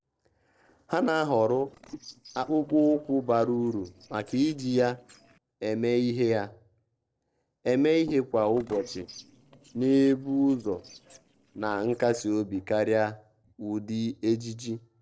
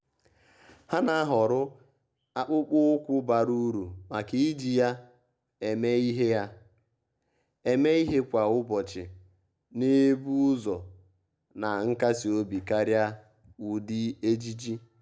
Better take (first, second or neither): second